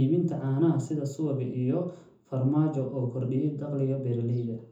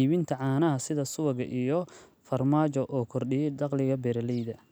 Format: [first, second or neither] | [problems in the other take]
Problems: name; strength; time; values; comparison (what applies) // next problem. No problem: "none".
second | room echo; dies away in 0.6 s